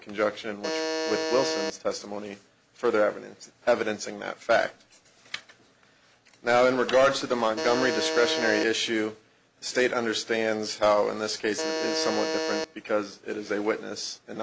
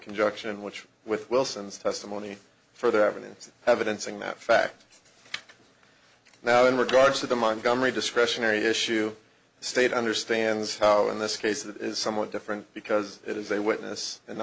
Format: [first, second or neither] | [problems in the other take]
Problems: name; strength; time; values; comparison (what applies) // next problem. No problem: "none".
second | background sound (Alarm); 2 dB below the speech